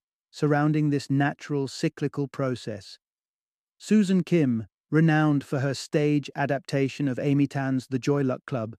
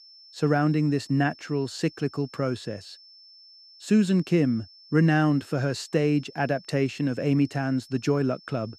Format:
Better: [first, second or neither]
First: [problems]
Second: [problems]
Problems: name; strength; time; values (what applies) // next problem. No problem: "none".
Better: first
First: none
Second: high-pitched whine; faint; throughout; 5.5 kHz, 25 dB below the speech